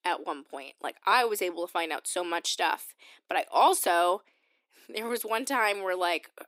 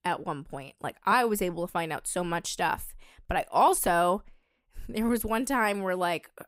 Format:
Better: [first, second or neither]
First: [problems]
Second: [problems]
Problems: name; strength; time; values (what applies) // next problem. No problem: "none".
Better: second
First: thin; somewhat; fading below 300 Hz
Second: none